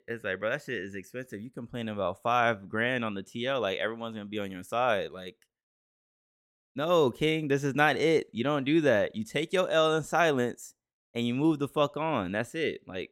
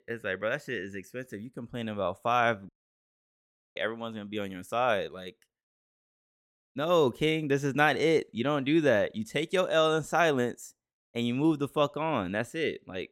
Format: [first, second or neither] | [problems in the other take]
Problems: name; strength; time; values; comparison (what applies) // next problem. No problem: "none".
first | audio cutting out; at 2.5 s for 1 s